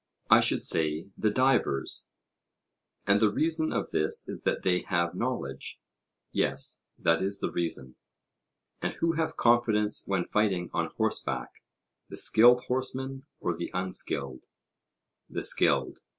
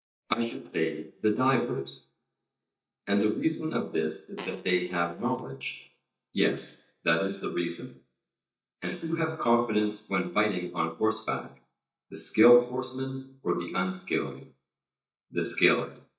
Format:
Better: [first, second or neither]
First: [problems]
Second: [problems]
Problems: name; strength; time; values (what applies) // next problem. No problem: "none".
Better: first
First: none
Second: noise reduction (neural mask model DeepFilterNet 3)